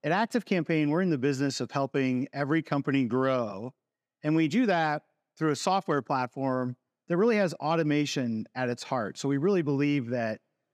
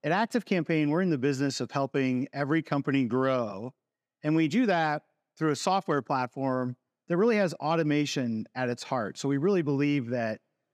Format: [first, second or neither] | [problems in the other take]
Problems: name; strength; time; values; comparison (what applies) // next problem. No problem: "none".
neither | none